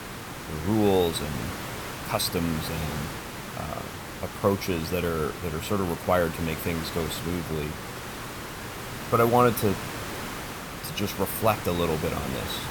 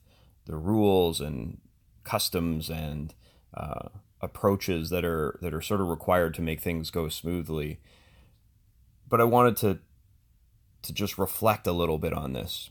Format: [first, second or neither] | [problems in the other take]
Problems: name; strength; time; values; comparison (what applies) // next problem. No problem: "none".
second | hiss; loud; throughout; 8 dB below the speech